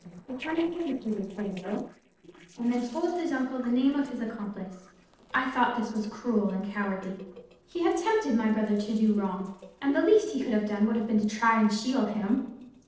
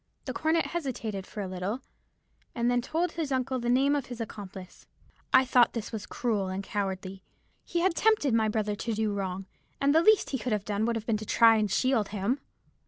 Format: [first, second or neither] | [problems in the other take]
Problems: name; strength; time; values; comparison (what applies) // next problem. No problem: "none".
second | noise reduction (neural separator model SepFormer DNS4)